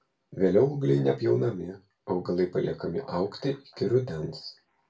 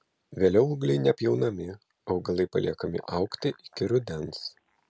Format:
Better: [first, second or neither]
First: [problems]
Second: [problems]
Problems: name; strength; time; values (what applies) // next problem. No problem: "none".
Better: second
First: room echo; dies away in 0.2 s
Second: none